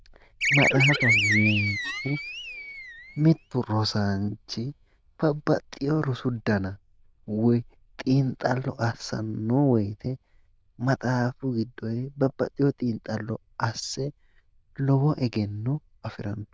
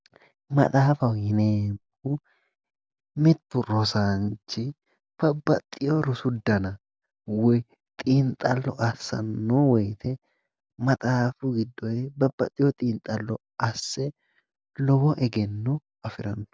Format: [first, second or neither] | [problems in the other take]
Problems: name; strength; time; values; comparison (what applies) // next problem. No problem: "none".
second | noise reduction (neural diffusion model UNIVERSE++)